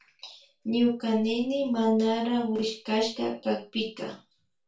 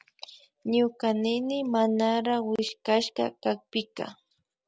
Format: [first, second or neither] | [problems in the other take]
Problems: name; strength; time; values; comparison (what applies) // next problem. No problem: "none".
second | room echo; dies away in 0.2 s